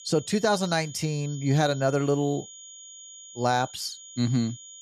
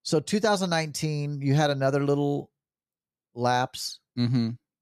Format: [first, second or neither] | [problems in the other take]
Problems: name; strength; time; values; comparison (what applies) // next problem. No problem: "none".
second | high-pitched whine; noticeable; throughout; 7 kHz, 15 dB below the speech